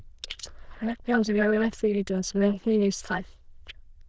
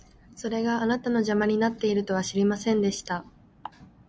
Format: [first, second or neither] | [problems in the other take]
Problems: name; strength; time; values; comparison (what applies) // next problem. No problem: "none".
second | noise reduction (neural diffusion model UNIVERSE++)